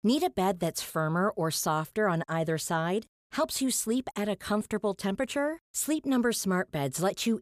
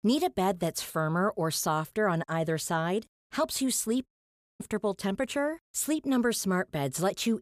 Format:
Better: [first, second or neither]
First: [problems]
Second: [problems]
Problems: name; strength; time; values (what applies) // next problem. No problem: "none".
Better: first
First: none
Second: audio cutting out; at 4 s for 0.5 s